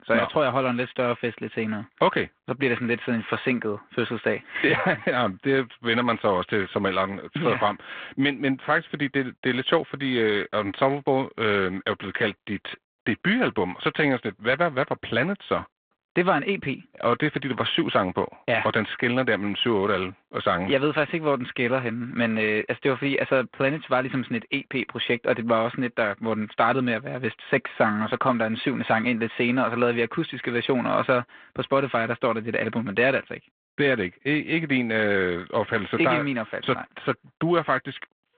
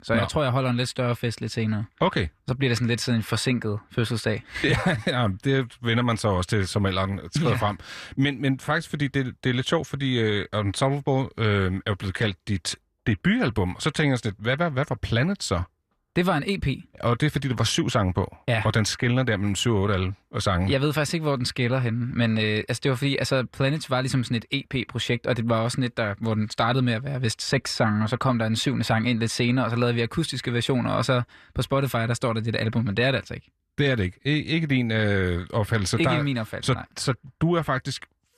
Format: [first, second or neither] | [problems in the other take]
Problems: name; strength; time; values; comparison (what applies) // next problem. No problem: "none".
second | phone-call audio; nothing above 3.5 kHz